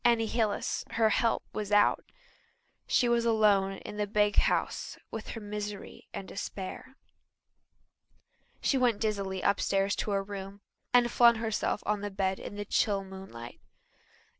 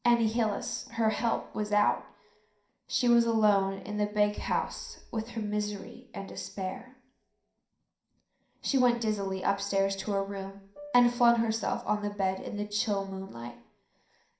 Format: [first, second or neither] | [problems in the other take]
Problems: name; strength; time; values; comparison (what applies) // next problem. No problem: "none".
first | background sound (Piano); 16 dB below the speech // room echo; dies away in 0.5 s